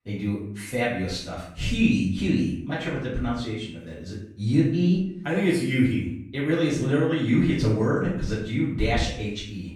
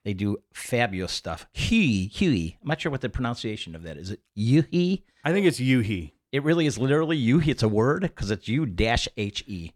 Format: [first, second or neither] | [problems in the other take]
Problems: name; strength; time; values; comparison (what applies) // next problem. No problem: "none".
second | room echo; noticeable; dies away in 0.6 s // off-mic speech; far